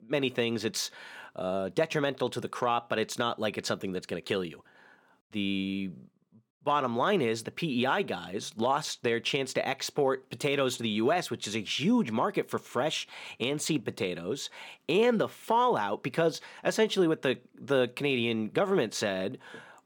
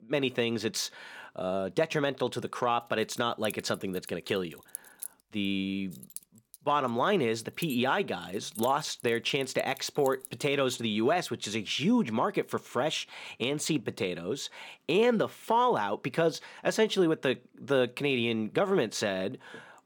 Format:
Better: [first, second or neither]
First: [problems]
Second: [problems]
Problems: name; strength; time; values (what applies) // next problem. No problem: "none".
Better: first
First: none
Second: jangling keys; faint; from 3 to 10 s; peak 10 dB below the speech